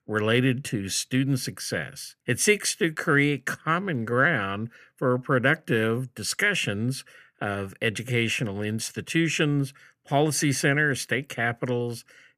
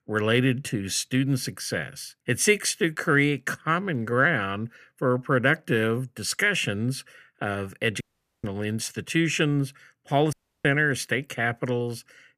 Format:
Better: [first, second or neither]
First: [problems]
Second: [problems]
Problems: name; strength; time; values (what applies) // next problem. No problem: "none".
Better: first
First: none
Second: audio cutting out; at 8 s and at 10 s